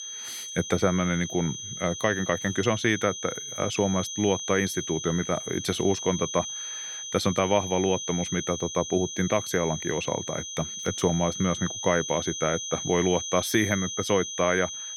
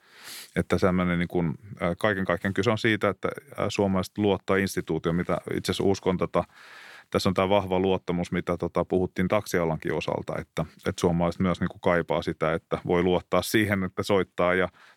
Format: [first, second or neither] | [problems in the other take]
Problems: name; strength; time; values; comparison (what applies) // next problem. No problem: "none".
second | high-pitched whine; loud; throughout; 6 kHz, 6 dB below the speech